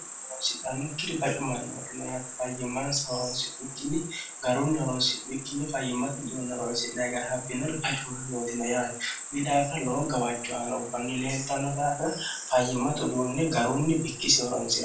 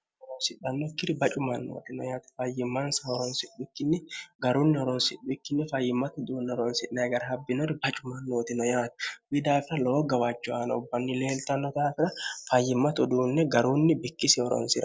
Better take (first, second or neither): second